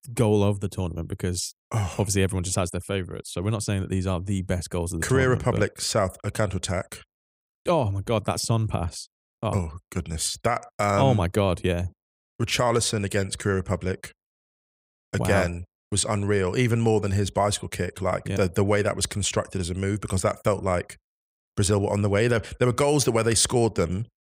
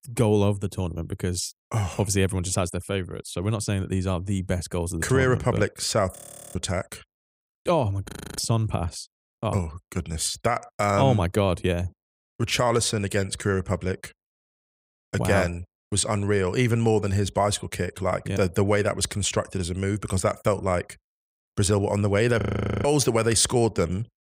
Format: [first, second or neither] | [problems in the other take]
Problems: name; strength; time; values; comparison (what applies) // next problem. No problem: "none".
first | audio freezing; at 6 s, at 8 s and at 22 s